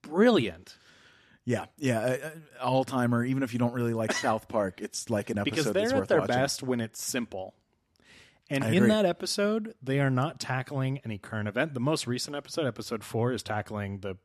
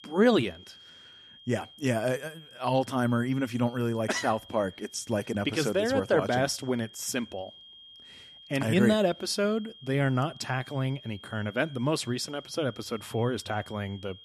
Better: first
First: none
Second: high-pitched whine; noticeable; throughout; 3 kHz, 20 dB below the speech

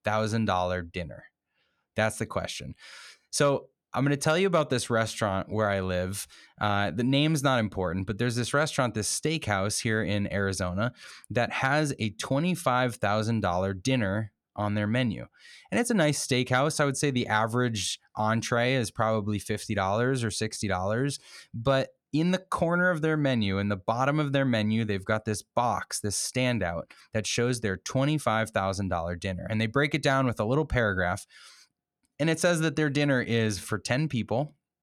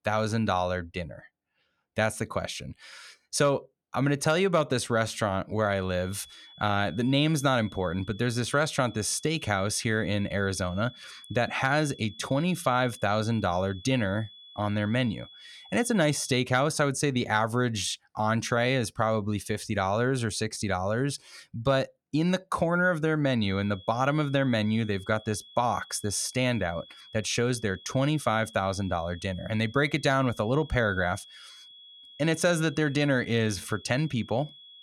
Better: first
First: none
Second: high-pitched whine; faint; from 5.5 to 16 s and from 23 s on; 3.5 kHz, 20 dB below the speech

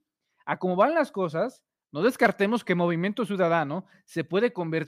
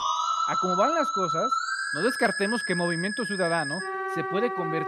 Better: first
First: none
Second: background music; very loud; throughout; 1 dB above the speech

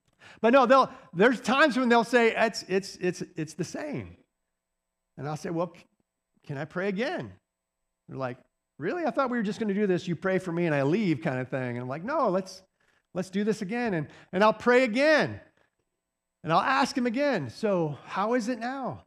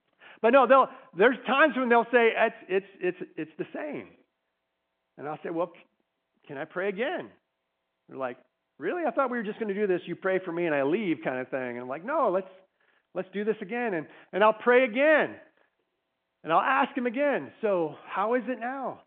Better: first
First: none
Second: phone-call audio

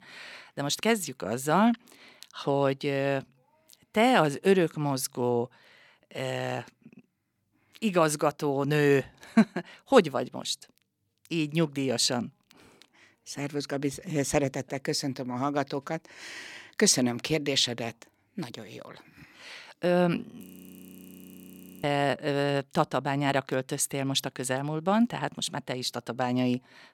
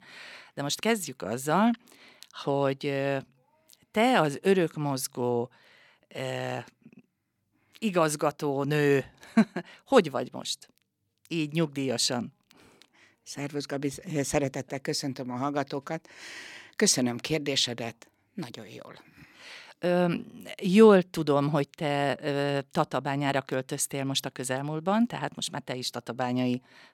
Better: second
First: audio freezing; at 20 s for 1.5 s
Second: none

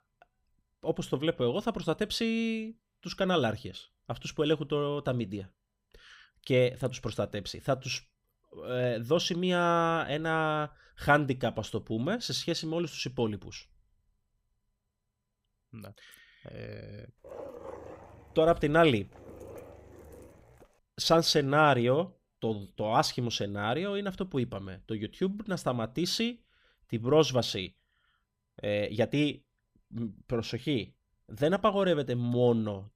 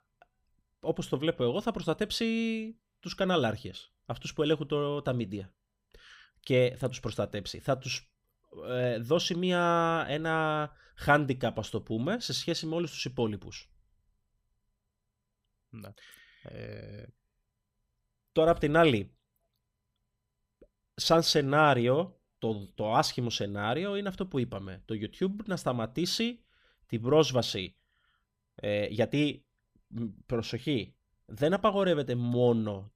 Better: second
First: dog barking; faint; from 17 to 21 s; peak 15 dB below the speech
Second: none

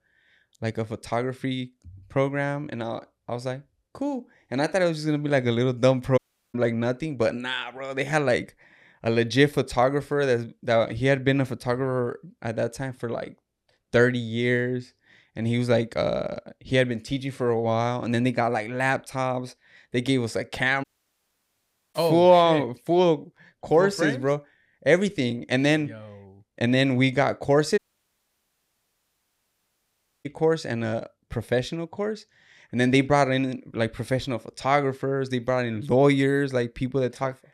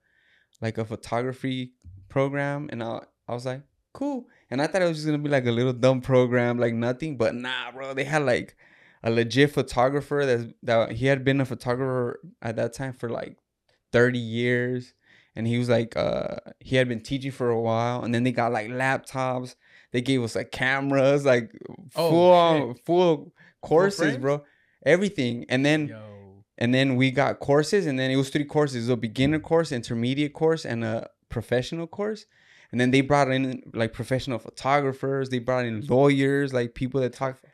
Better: second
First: audio cutting out; at 6 s, at 21 s for 1 s and at 28 s for 2.5 s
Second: none

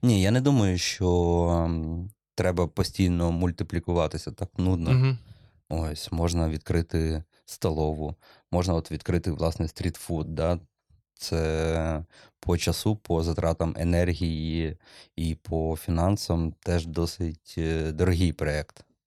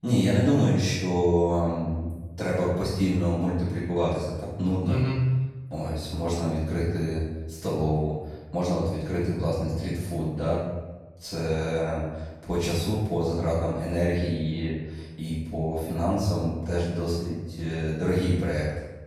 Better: first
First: none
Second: off-mic speech; far // room echo; strong; dies away in 0.9 s

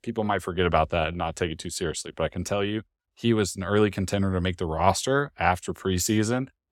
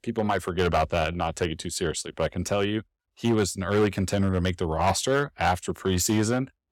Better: first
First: none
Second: distortion; slight; 4% of the sound clipped

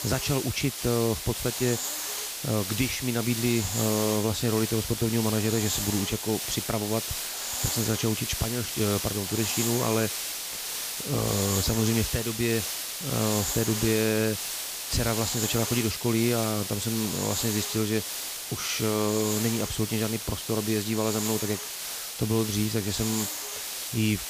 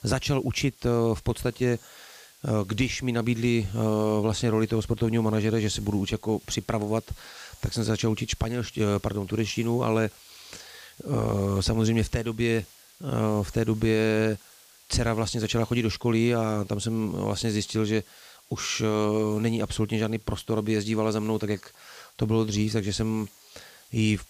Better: second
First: hiss; loud; throughout; 2 dB below the speech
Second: hiss; faint; throughout; 25 dB below the speech

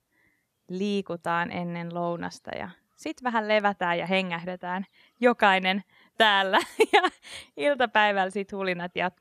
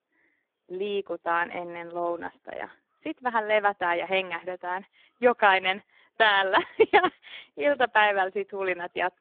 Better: first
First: none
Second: phone-call audio; poor line

